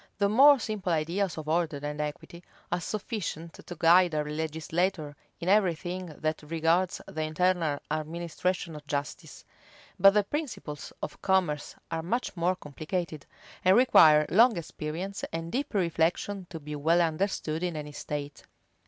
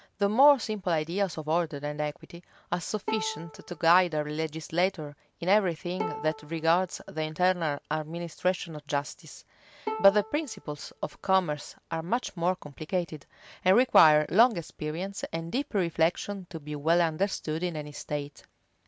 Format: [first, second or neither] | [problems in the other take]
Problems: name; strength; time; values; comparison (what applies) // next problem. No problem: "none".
first | background sound (Bowed string instrument); 14 dB below the speech